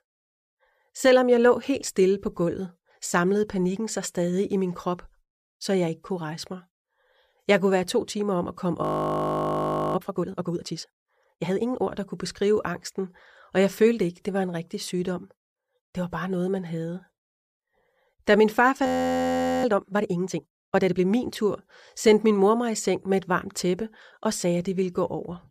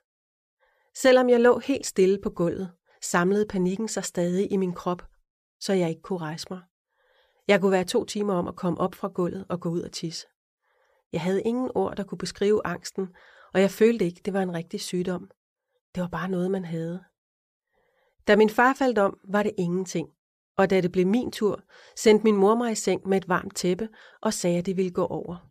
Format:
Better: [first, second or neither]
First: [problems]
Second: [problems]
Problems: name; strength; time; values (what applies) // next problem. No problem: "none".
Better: second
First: audio freezing; at 9 s for 1 s and at 19 s for 1 s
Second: none